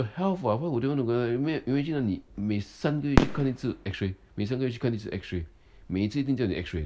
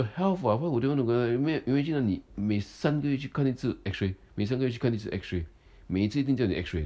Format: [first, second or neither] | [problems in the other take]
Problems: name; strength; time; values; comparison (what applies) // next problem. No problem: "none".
second | background sound (Fireworks); 6 dB below the speech